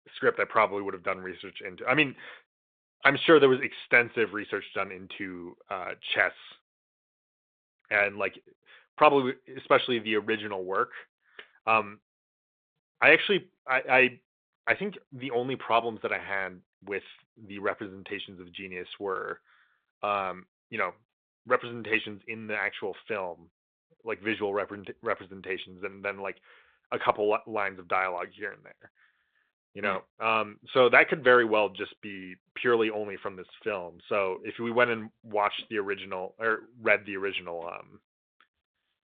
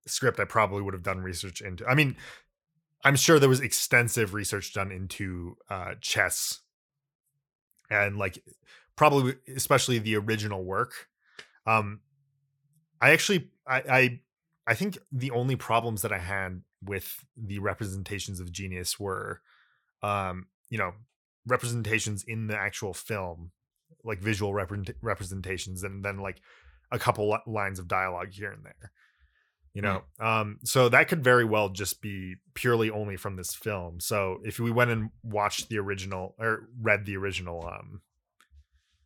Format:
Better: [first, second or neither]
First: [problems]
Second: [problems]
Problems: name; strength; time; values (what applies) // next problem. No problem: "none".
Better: second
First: phone-call audio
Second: none